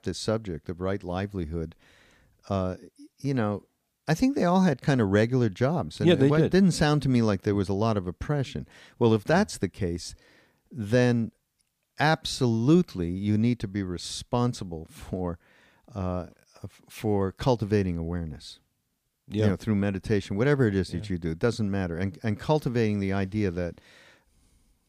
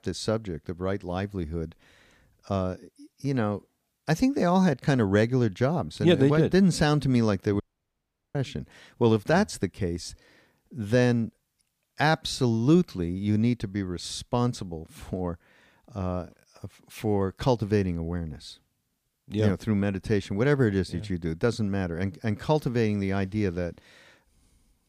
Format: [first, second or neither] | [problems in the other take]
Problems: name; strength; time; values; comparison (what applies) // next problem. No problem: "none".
first | audio cutting out; at 7.5 s for 1 s